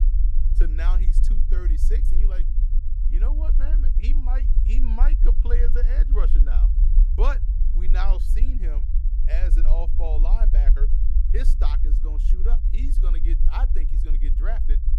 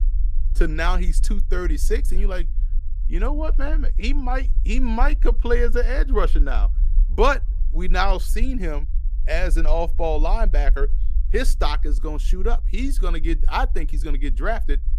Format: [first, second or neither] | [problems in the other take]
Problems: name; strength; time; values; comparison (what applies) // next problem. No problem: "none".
second | low rumble; loud; throughout; 8 dB below the speech; faint in the second